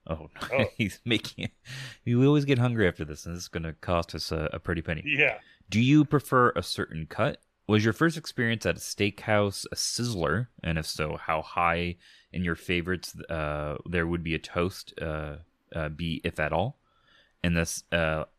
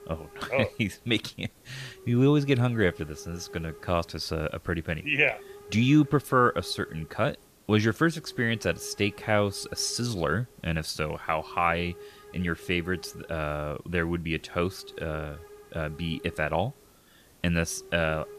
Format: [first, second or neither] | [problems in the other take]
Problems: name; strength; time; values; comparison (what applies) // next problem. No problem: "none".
first | hiss; faint; throughout; 20 dB below the speech